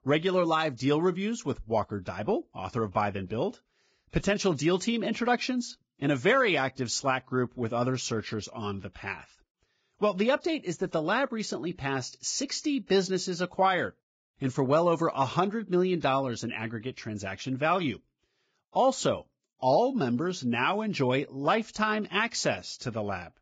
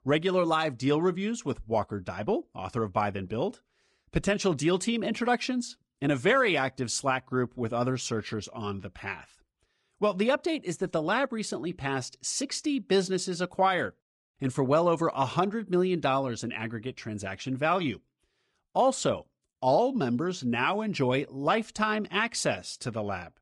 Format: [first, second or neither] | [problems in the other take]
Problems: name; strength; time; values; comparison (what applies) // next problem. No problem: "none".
second | garbled, watery; badly; nothing above 7.5 kHz; slightly in the second